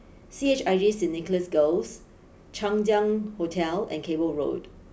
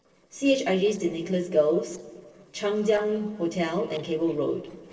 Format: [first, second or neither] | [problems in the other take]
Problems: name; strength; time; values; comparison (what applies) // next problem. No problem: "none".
first | noise reduction (neural separator model SepFormer DNS4)